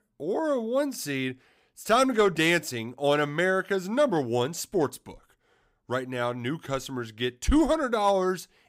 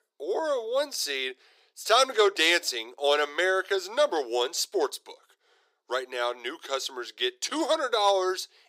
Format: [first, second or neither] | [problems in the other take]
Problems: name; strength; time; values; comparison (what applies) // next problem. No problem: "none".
first | thin; very; fading below 400 Hz